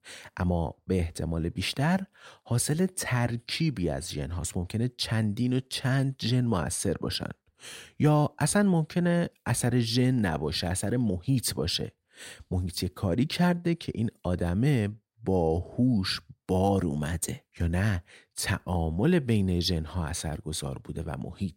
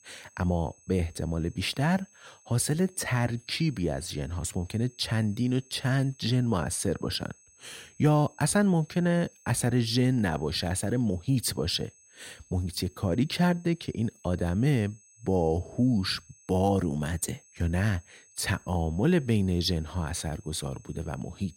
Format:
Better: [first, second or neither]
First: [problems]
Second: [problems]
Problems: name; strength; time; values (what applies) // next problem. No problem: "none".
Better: first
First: none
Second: high-pitched whine; faint; throughout; 6.5 kHz, 30 dB below the speech